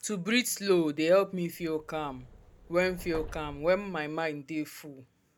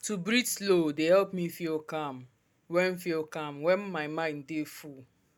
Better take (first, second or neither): second